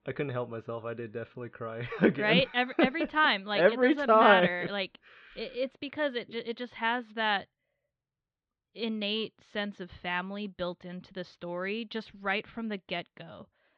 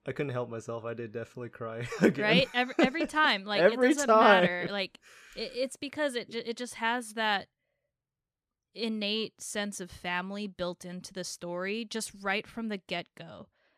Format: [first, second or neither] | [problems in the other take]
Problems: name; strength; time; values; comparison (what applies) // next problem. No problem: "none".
second | muffled; slightly; fading above 3.5 kHz